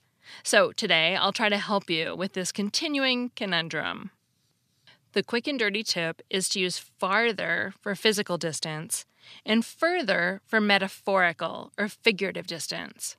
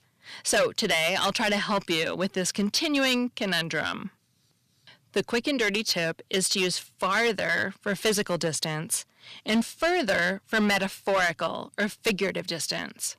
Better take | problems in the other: first | distortion; heavy; 6% of the sound clipped

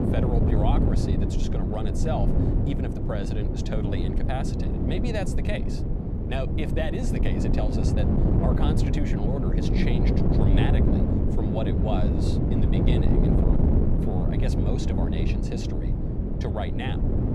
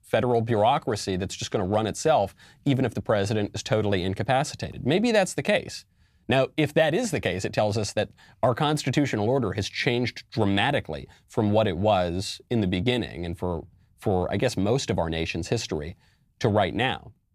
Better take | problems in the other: second | wind noise on the microphone; heavy; 2 dB above the speech

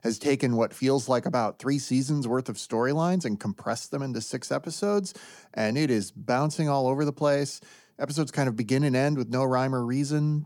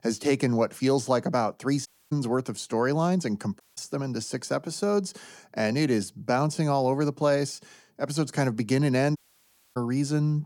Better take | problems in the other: first | audio cutting out; at 2 s, at 3.5 s and at 9 s for 0.5 s

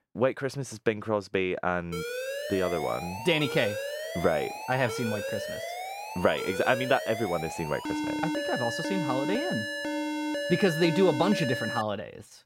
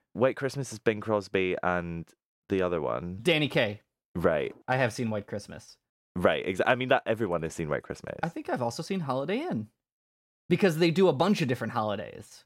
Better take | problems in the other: second | alarm; noticeable; from 2 to 12 s; peak 2 dB below the speech

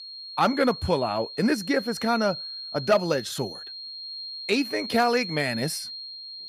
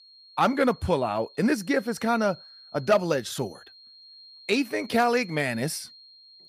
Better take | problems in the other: second | high-pitched whine; loud; throughout; 4 kHz, 9 dB below the speech; faint in the second

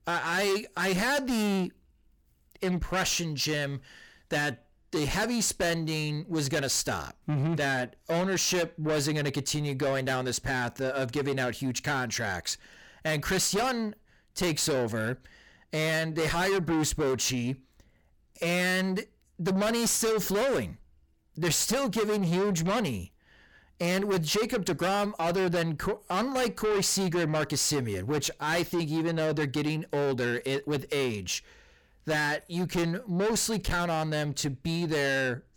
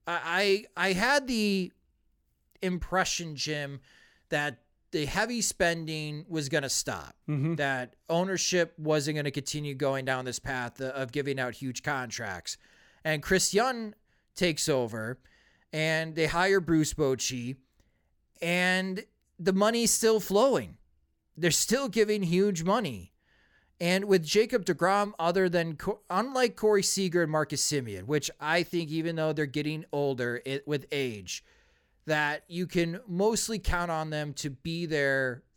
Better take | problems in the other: second | distortion; heavy; 6 dB below the speech

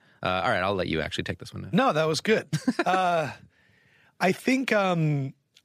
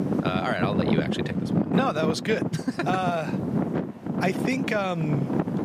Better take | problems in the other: first | traffic noise; very loud; throughout; as loud as the speech

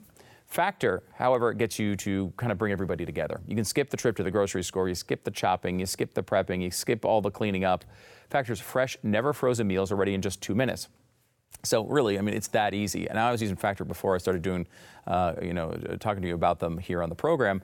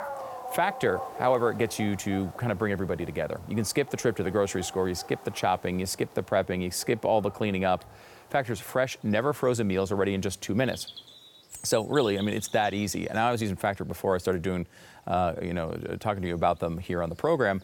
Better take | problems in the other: first | animal sounds; noticeable; throughout; 15 dB below the speech

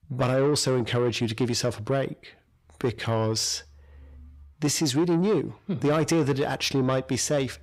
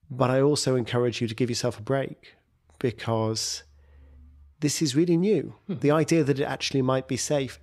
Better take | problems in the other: second | distortion; slight; 10 dB below the speech

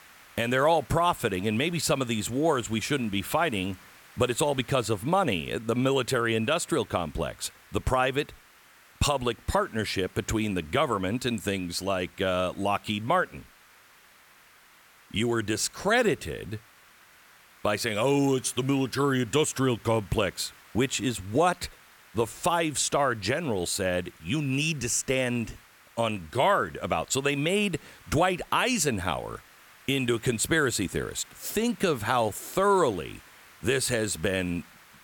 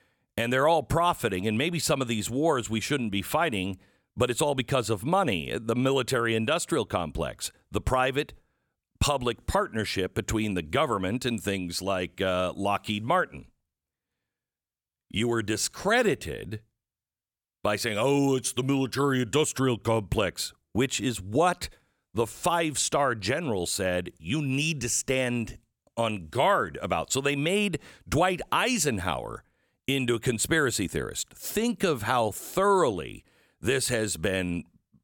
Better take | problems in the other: second | hiss; faint; throughout; 25 dB below the speech

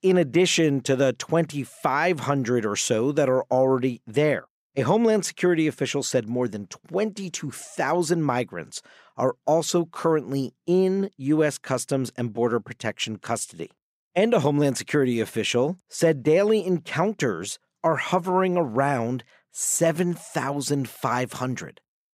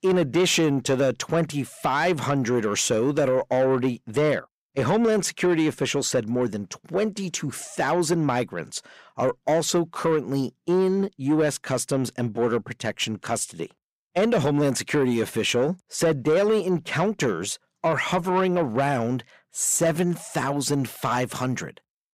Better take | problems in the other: first | distortion; slight; 10 dB below the speech

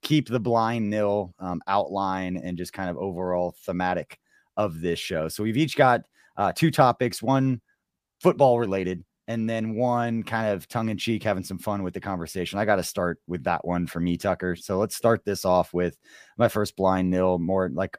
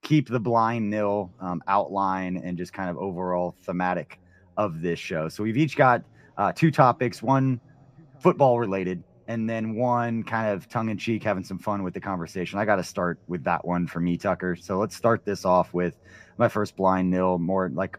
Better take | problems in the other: first | room echo; noticeable; dies away in 3 s

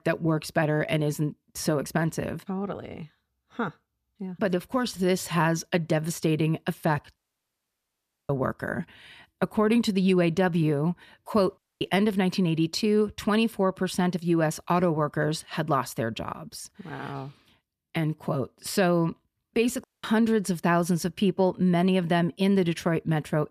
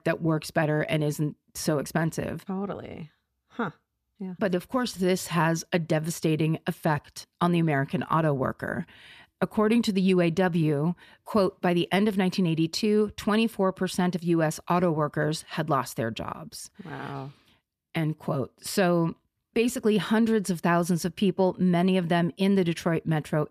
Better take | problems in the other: second | audio cutting out; at 7 s for 1 s, at 12 s and at 20 s

